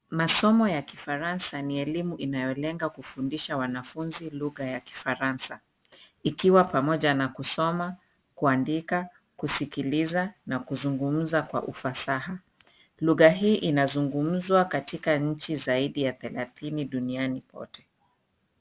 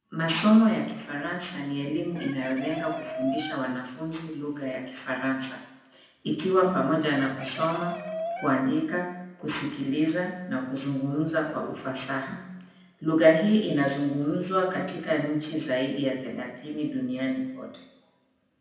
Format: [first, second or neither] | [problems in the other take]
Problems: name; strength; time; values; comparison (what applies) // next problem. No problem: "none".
first | background sound (Chicken, rooster); 11 dB below the speech // room echo; dies away in 0.9 s